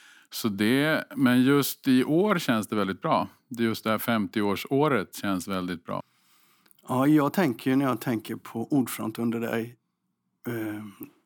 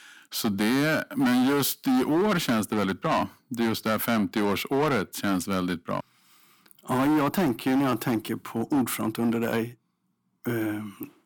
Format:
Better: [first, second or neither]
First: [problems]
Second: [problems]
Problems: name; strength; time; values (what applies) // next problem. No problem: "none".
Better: first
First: none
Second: distortion; heavy; 13% of the sound clipped